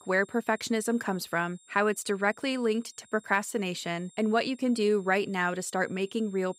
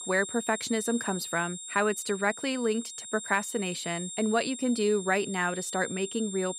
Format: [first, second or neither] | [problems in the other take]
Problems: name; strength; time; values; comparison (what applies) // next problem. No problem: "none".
first | high-pitched whine; loud; throughout; 7.5 kHz, 8 dB below the speech; faint in the first